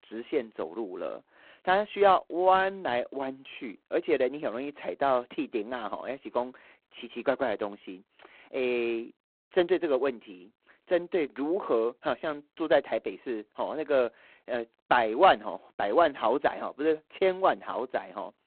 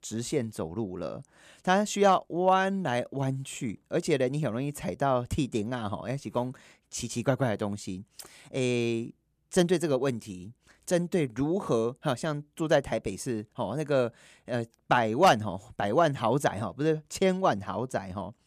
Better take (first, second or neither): second